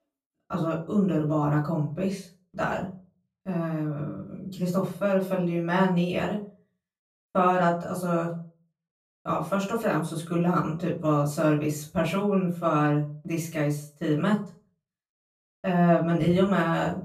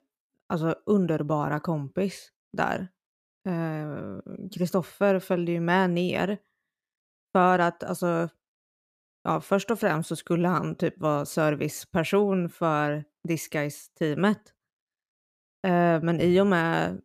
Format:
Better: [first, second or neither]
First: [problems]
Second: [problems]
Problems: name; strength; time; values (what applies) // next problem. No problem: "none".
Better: second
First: room echo; slight; dies away in 0.3 s // off-mic speech; far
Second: none